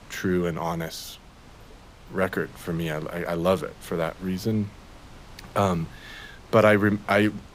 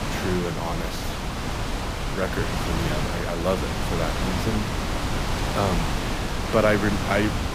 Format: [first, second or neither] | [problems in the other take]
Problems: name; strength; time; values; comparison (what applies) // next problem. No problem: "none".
first | wind noise on the microphone; heavy; 1 dB below the speech; occasional gusts in the first